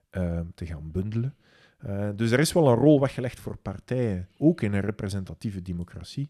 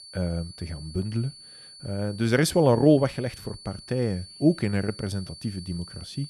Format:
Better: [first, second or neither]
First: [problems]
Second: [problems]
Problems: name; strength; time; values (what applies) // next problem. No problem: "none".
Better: first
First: none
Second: high-pitched whine; noticeable; throughout; 4.5 kHz, 15 dB below the speech